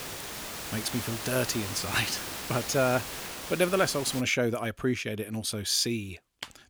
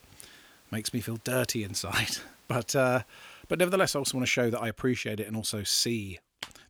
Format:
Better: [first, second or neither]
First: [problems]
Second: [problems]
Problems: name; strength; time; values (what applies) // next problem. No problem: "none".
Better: second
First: hiss; loud; until 4 s; 7 dB below the speech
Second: hiss; faint; until 4 s; 30 dB below the speech